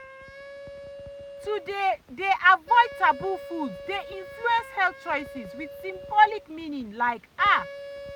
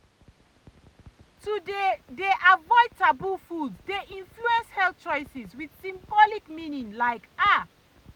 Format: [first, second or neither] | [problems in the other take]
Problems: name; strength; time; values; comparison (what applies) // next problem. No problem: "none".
second | background sound (Wind instrument, woodwind instrument); 16 dB below the speech